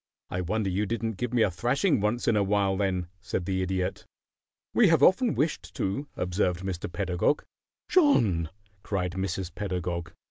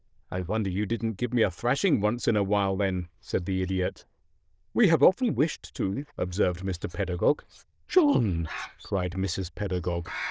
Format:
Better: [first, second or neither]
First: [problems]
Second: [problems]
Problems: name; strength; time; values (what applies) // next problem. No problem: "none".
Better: first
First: none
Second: noise reduction (neural diffusion model UNIVERSE++)